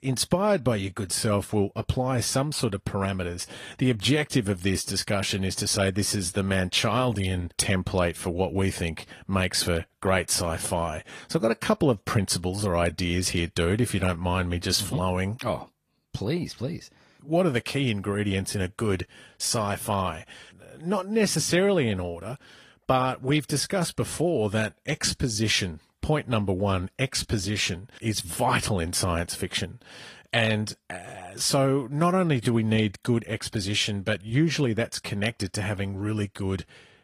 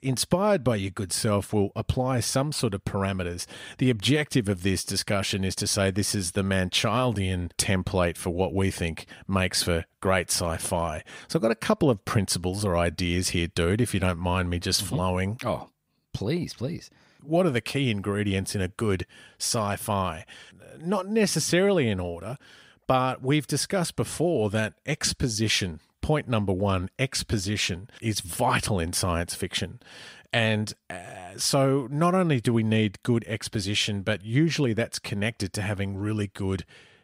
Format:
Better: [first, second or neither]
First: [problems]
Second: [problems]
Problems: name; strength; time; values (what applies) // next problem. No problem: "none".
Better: second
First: garbled, watery; slightly; nothing above 14.5 kHz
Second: none